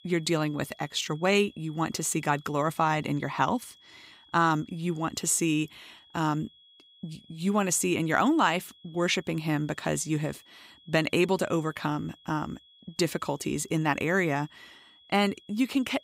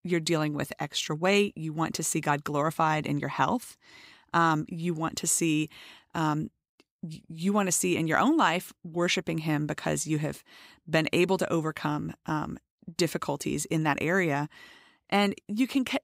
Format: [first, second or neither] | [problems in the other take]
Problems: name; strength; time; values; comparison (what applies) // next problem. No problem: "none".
second | high-pitched whine; faint; throughout; 3.5 kHz, 25 dB below the speech